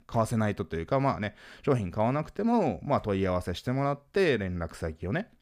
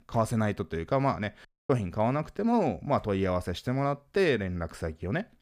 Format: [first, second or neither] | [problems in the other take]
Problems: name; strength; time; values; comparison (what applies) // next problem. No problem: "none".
first | audio cutting out; at 1.5 s